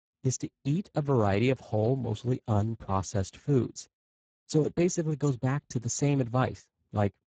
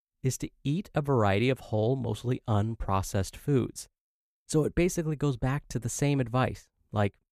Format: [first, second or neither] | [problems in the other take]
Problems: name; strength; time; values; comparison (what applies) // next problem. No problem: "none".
second | garbled, watery; badly; nothing above 7.5 kHz